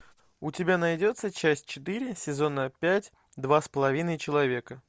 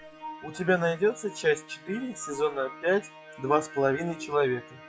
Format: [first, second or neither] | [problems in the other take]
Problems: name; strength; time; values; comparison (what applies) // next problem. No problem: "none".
first | noise reduction (classical method log-MMSE)